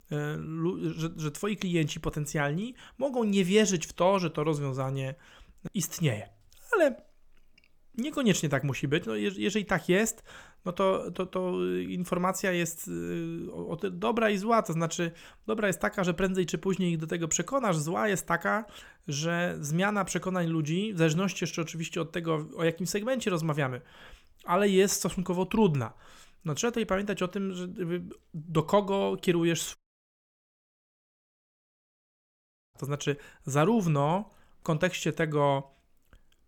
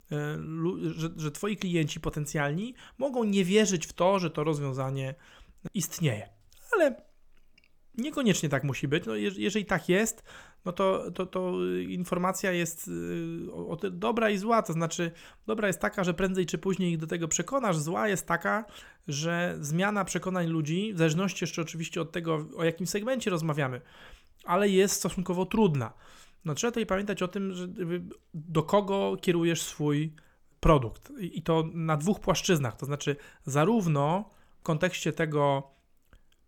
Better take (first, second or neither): second